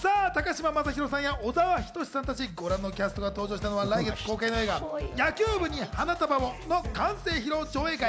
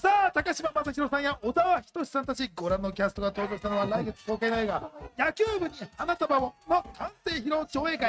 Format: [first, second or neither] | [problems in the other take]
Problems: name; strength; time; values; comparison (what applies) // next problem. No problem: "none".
first | noise reduction (neural mask model RNNoise)